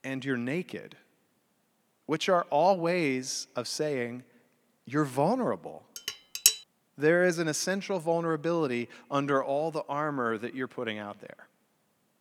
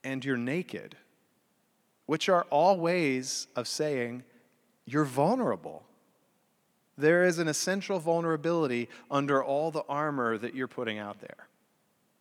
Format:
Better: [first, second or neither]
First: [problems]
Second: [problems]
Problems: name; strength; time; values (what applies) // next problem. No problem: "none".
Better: second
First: clattering dishes; loud; at 6 s; peak 6 dB above the speech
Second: none